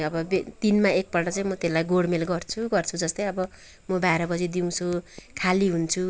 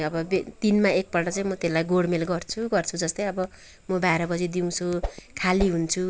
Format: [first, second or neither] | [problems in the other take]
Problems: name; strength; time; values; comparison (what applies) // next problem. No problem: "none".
first | background sound (Whoosh, swoosh, swish); 8 dB below the speech